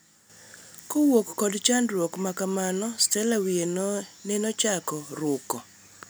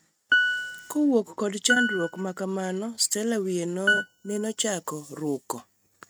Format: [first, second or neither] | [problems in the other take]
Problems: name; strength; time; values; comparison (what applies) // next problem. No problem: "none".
first | noise reduction (neural mask model RNNoise)